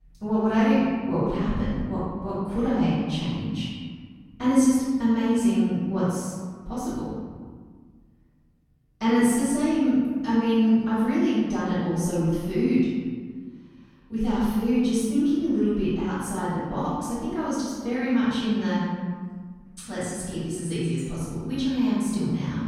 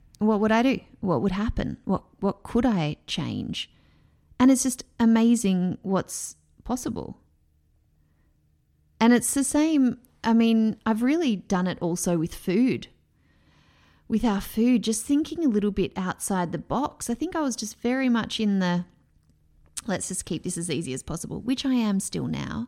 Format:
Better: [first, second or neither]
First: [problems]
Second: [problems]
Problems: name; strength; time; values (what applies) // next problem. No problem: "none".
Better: second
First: off-mic speech; far // room echo; strong; dies away in 1.6 s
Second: none